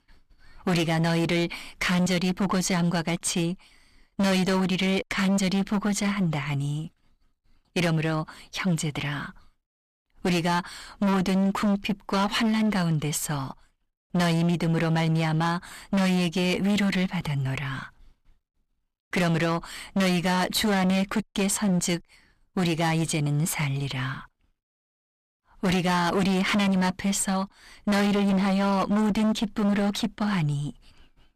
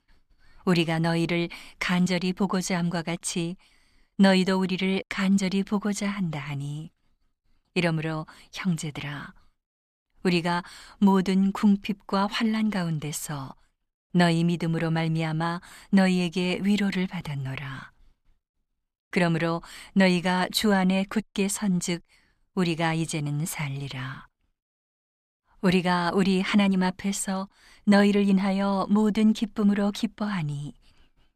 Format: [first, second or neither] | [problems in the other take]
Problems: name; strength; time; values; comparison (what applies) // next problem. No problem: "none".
second | distortion; heavy; 20% of the sound clipped